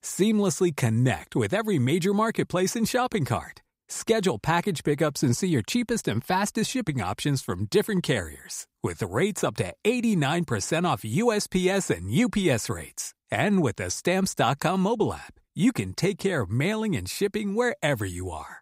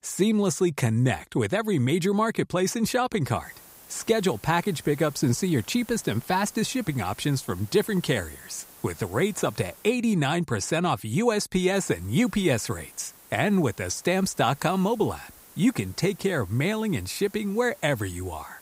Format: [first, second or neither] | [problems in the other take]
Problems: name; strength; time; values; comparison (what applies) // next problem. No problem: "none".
first | hiss; faint; from 3.5 to 10 s and from 12 s on; 20 dB below the speech